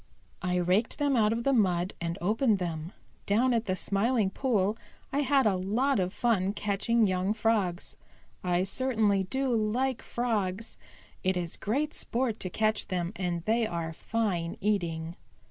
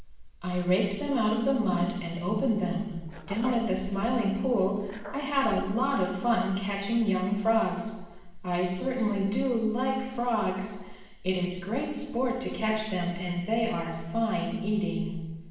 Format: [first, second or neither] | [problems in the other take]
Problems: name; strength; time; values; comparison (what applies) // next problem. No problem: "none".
first | noise reduction (neural separator model SepFormer DNS4)